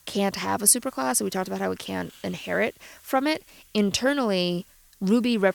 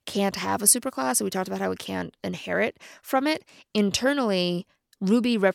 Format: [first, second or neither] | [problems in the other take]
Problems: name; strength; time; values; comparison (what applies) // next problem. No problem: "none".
second | hiss; faint; throughout; 25 dB below the speech